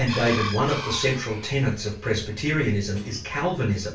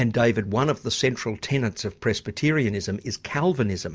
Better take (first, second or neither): second